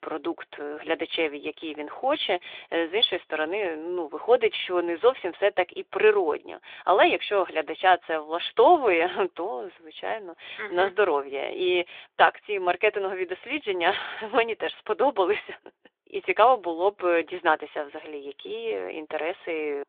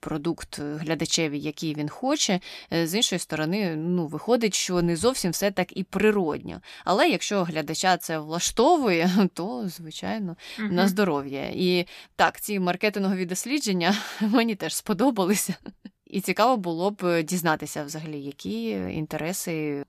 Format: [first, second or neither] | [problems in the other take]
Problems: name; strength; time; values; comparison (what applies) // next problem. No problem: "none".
second | phone-call audio; nothing above 3.5 kHz